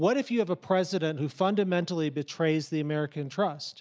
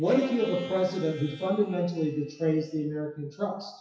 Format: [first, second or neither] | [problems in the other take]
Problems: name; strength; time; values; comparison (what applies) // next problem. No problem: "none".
first | noise reduction (classical method WPE with log-MMSE)